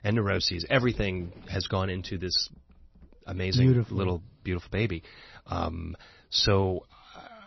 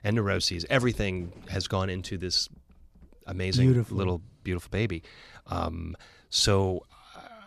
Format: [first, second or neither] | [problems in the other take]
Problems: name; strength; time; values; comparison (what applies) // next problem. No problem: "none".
second | garbled, watery; slightly; nothing above 6 kHz